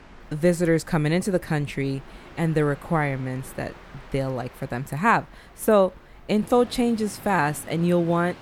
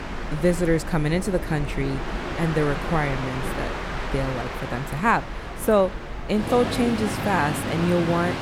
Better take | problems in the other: first | train or aircraft noise; loud; throughout; 6 dB below the speech; faint in the first

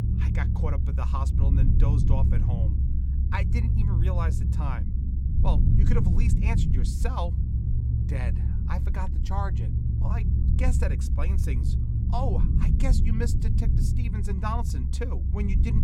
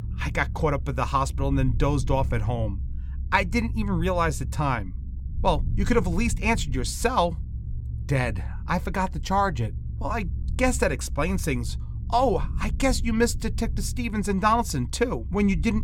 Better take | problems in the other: second | low rumble; loud; throughout; 3 dB below the speech; faint in the second

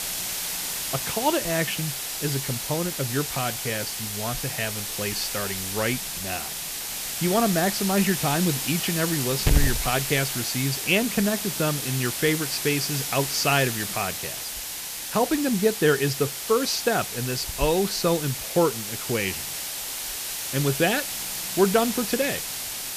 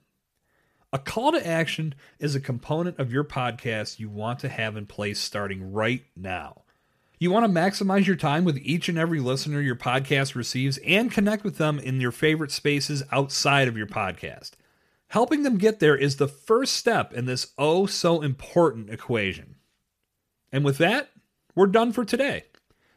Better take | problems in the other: second | hiss; loud; throughout; 2 dB below the speech

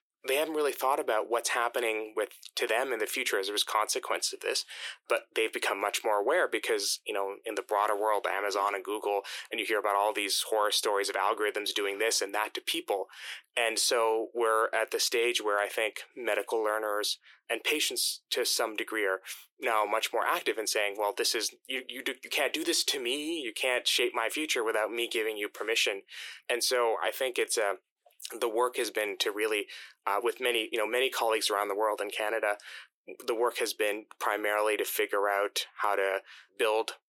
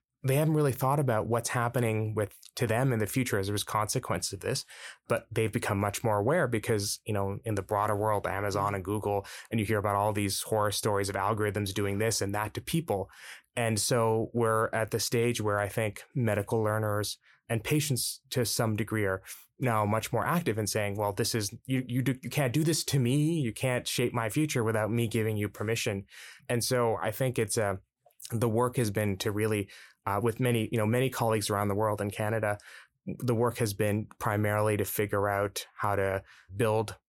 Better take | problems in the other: second | thin; very; fading below 350 Hz

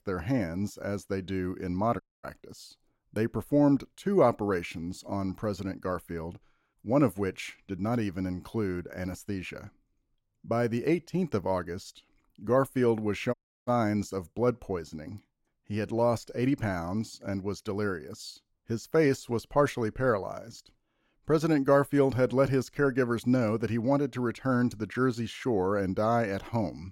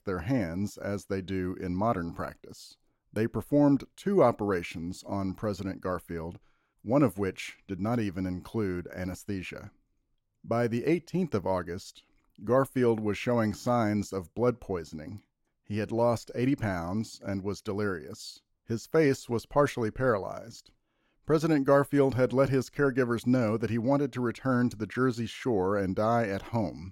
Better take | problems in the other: second | audio cutting out; at 2 s and at 13 s

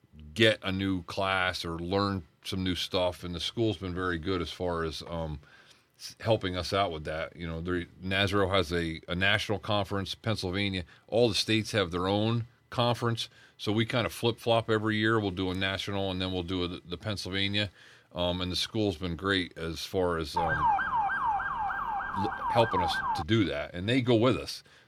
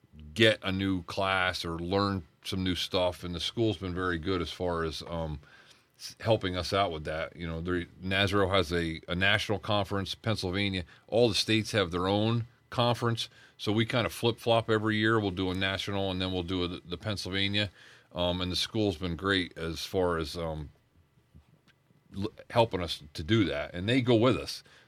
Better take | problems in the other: second | siren; loud; from 20 to 23 s; peak 3 dB above the speech

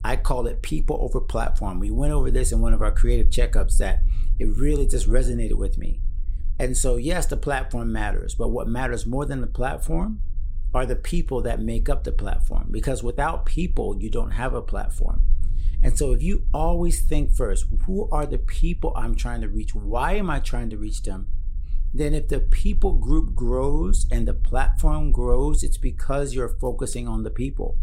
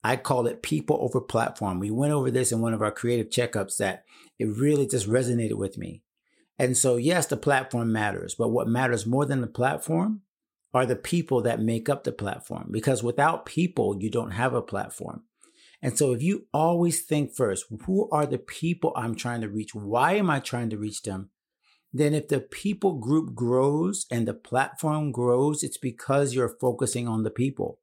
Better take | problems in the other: second | low rumble; faint; throughout; 25 dB below the speech

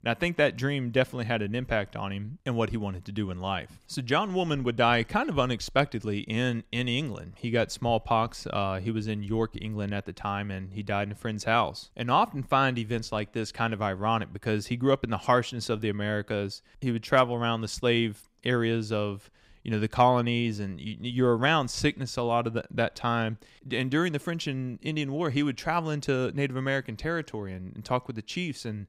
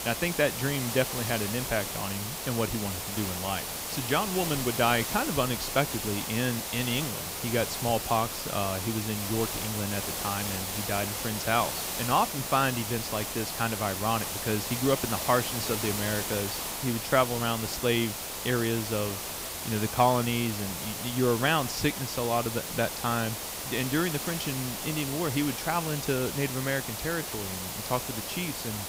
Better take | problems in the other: first | hiss; loud; throughout; 3 dB below the speech

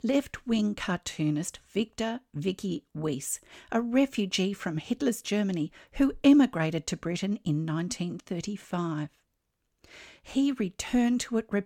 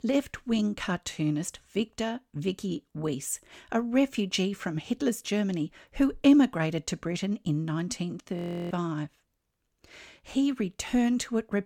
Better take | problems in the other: first | audio freezing; at 8.5 s

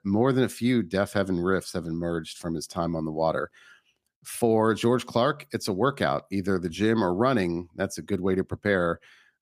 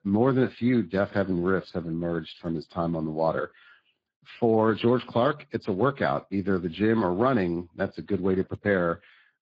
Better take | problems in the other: first | garbled, watery; badly

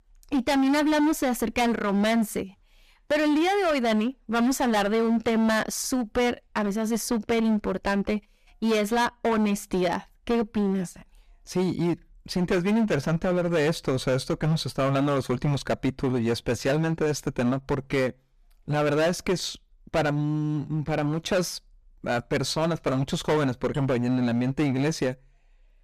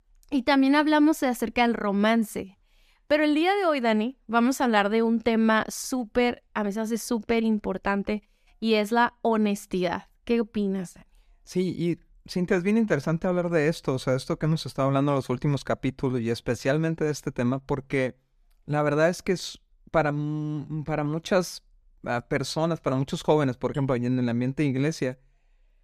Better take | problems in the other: second | distortion; heavy; 15% of the sound clipped

